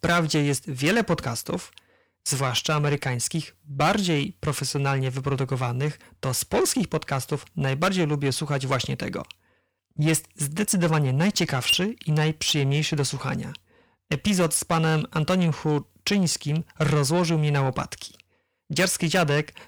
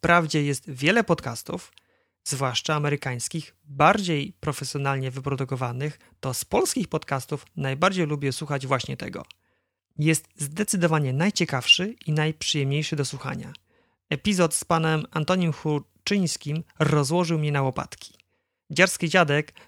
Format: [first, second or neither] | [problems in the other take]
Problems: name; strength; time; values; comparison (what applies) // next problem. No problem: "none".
second | distortion; heavy; 8 dB below the speech